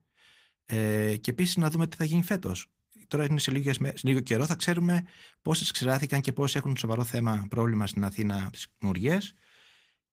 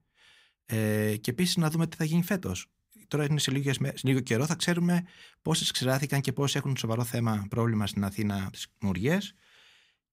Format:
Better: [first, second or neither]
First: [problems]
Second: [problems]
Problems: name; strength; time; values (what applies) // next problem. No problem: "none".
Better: second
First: garbled, watery; slightly; nothing above 15.5 kHz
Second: none